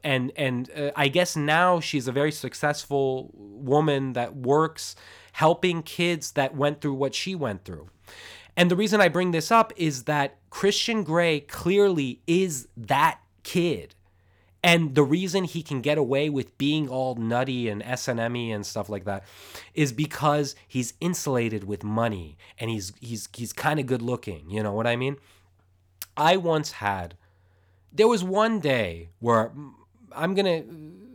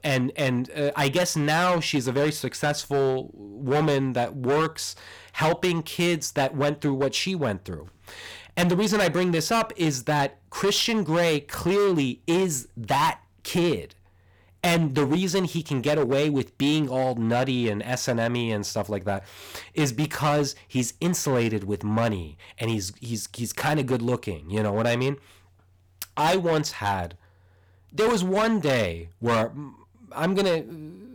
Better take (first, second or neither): first